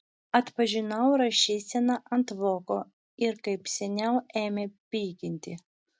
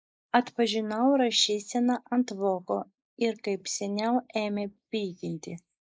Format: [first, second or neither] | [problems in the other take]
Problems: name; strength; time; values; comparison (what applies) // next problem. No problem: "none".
first | noise reduction (neural mask model Resemble Enhance denoiser)